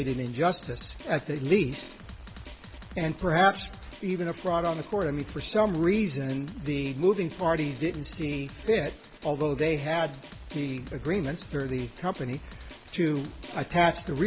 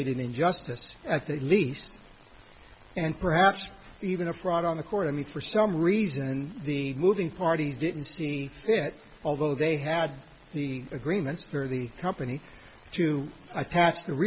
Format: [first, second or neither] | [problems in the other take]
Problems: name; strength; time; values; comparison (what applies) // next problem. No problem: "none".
second | background sound (Drum); 16 dB below the speech